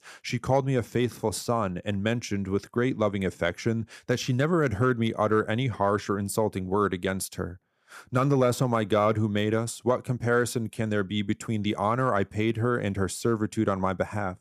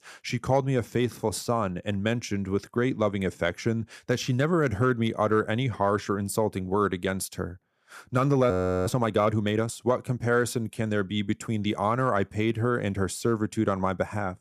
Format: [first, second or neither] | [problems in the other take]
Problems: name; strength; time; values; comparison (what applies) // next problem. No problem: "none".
first | audio freezing; at 8.5 s